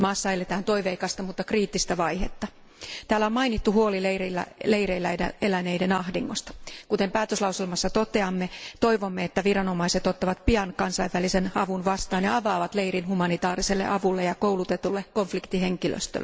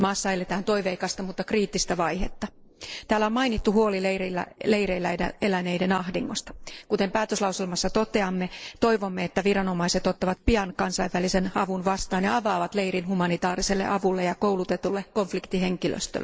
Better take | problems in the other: first | noise reduction (neural mask model Resemble Enhance denoiser)

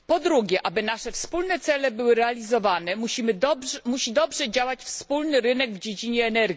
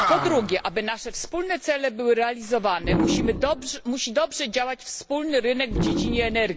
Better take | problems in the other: first | background sound (Animal); 4 dB below the speech

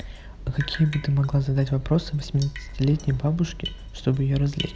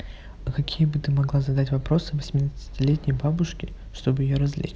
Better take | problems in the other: second | background sound (Drip); 18 dB below the speech

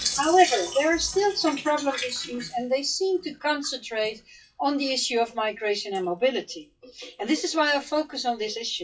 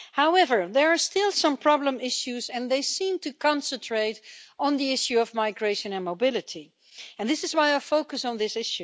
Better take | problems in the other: second | noise reduction (classical method WPE with log-MMSE)

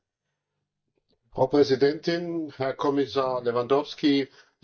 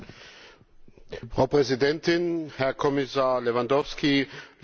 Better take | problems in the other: second | noise reduction (neural mask model DeepFilterNet 3)

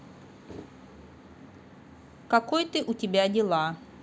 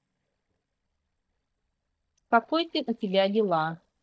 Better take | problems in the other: first | noise reduction (neural mask model DeepFilterNet 3)

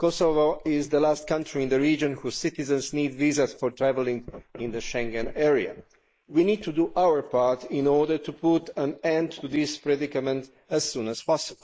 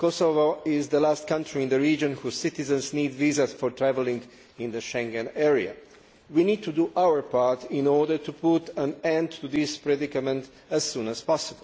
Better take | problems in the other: second | noise reduction (neural mask model Resemble Enhance denoiser)

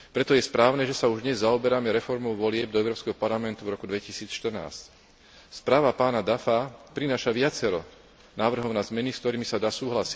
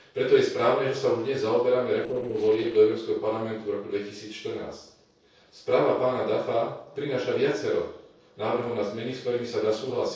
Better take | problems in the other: first | noise reduction (neural separator model SepFormer DNS4)

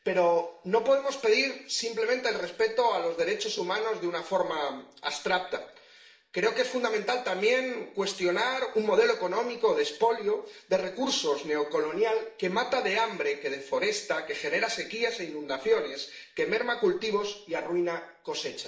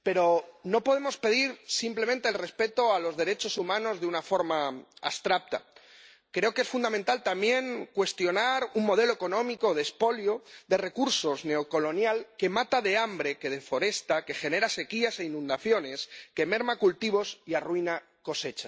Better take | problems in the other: second | room echo; dies away in 0.6 s

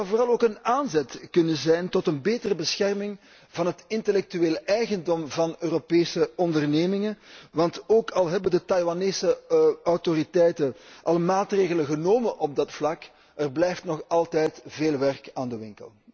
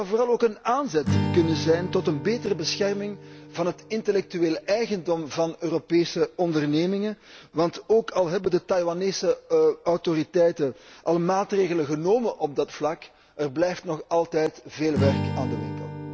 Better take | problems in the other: first | background sound (Strum); 10 dB below the speech

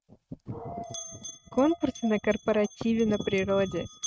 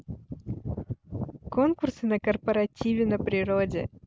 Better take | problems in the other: second | noise reduction (neural mask model RNNoise)

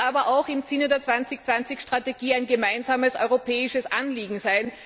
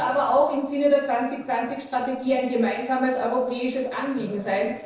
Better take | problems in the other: first | noise reduction (neural separator model SepFormer DNS4)

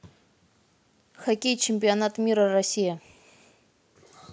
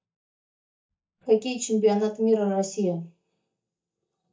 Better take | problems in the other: first | noise reduction (neural mask model DeepFilterNet 3)

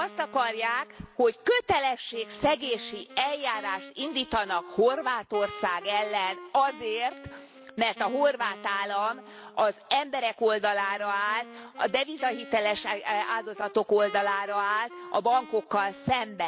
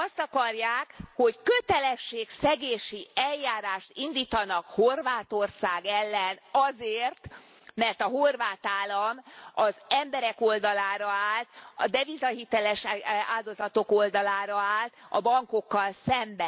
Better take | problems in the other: second | background sound (Wind instrument, woodwind instrument); 18 dB below the speech

